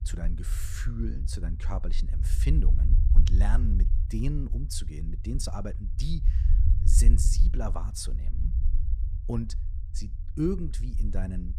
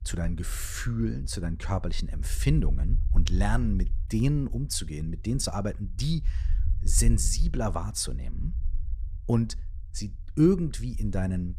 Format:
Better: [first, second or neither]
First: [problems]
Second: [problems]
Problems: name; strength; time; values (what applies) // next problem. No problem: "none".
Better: second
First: low rumble; loud; throughout; 10 dB below the speech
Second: low rumble; faint; throughout; 20 dB below the speech